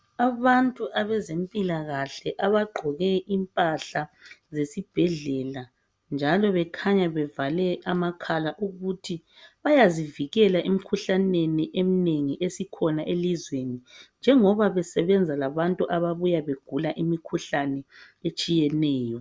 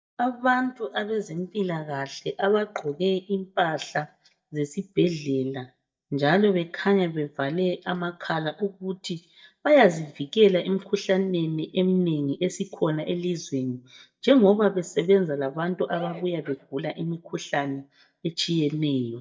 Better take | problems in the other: first | noise reduction (neural mask model DeepFilterNet 3)

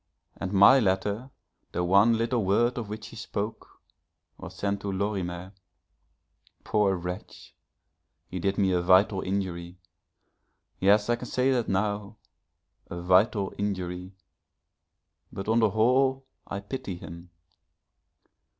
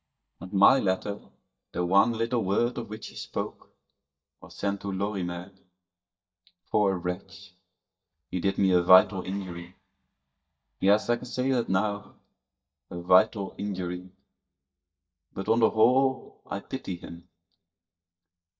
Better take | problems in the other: first | noise reduction (neural mask model DeepFilterNet 3)

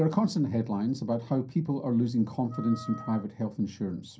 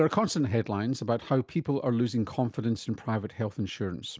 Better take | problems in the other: second | background sound (Wind instrument, woodwind instrument); 18 dB below the speech // room echo; dies away in 0.3 s

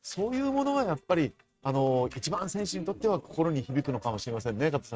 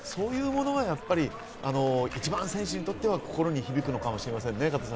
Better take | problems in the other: second | noise reduction (neural mask model RNNoise)

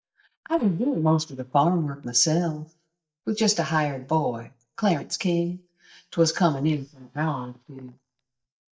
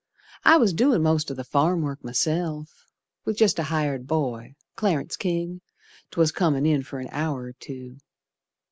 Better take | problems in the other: second | noise reduction (neural mask model DeepFilterNet 3)

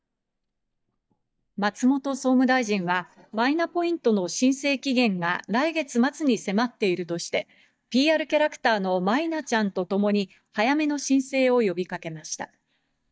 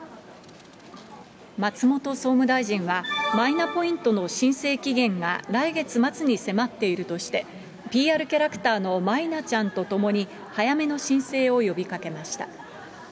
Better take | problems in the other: second | noise reduction (neural mask model DeepFilterNet 3)

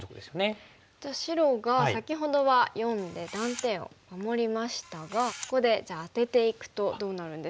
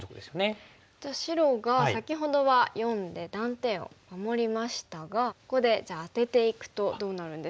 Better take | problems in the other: second | background sound (Camera); 17 dB below the speech

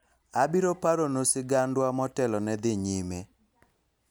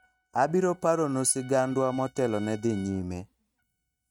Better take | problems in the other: first | noise reduction (neural mask model RNNoise)

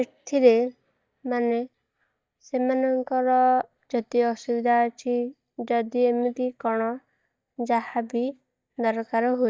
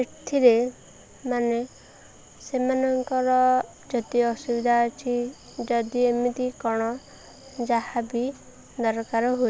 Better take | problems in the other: second | noise reduction (neural mask model DeepFilterNet 3)

